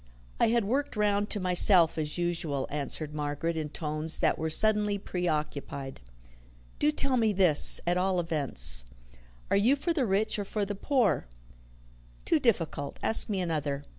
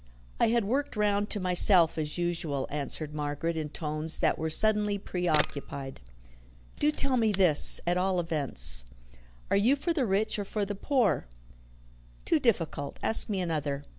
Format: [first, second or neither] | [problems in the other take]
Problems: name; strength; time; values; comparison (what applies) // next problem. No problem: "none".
first | background sound (Camera); 13 dB below the speech